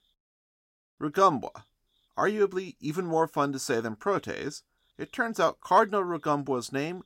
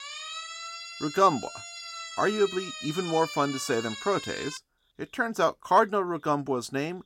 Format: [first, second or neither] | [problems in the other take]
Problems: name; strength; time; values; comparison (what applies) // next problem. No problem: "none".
first | siren; noticeable; until 4.5 s; peak 8 dB below the speech